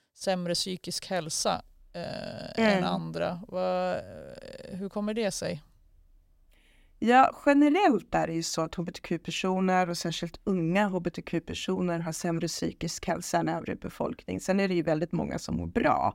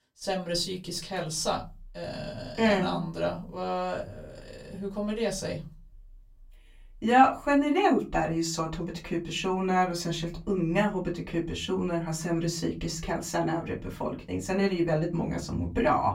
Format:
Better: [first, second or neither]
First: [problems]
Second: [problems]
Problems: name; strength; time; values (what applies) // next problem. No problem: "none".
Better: first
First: none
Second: off-mic speech; far // room echo; very slight; dies away in 0.2 s